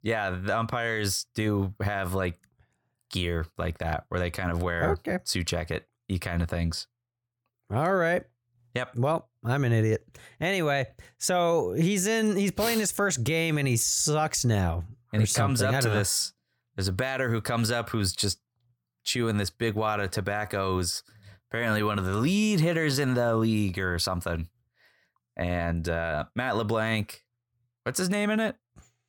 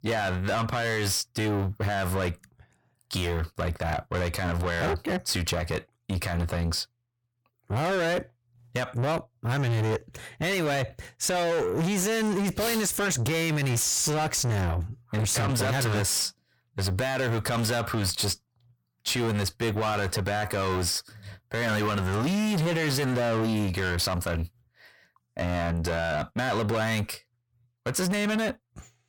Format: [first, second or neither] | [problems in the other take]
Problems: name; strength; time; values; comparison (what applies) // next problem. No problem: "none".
first | distortion; heavy; 7 dB below the speech